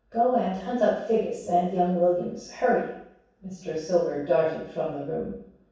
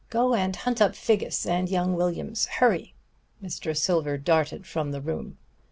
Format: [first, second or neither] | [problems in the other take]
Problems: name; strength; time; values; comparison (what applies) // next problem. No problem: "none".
second | room echo; dies away in 0.7 s